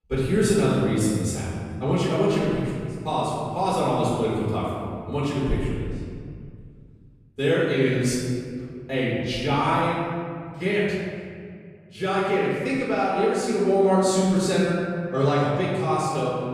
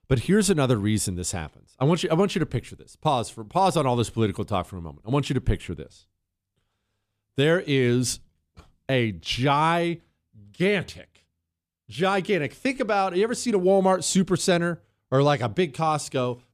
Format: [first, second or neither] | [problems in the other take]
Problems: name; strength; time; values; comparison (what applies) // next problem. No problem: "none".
second | off-mic speech; far // room echo; strong; dies away in 1.9 s